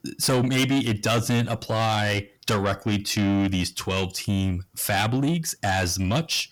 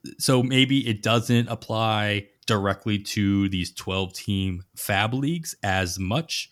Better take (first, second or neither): second